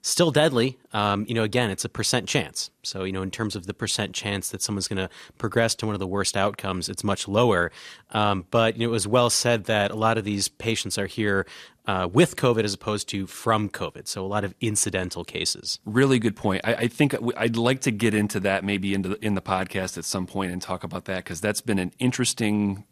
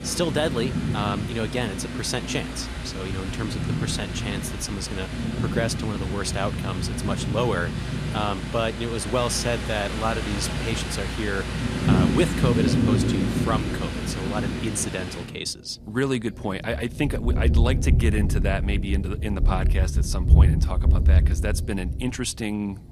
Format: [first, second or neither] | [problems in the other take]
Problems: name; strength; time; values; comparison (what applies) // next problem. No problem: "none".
first | rain or running water; very loud; throughout; 3 dB above the speech